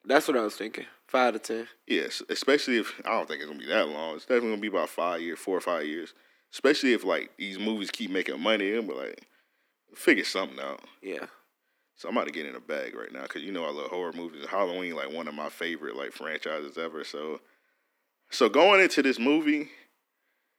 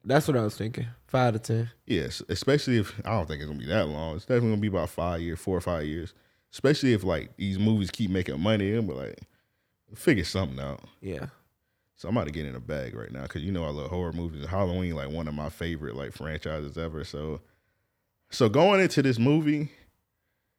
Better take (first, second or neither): second